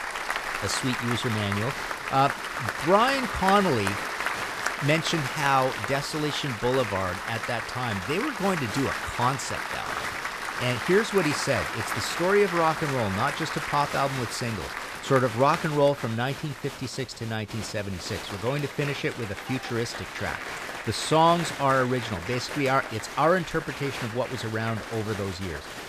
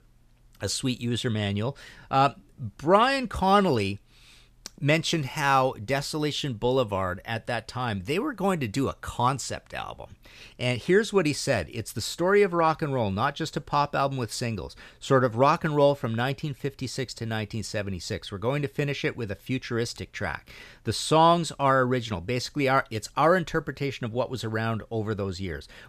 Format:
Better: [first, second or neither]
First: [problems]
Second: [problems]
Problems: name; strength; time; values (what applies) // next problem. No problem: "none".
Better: second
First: crowd noise; loud; throughout; 5 dB below the speech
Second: none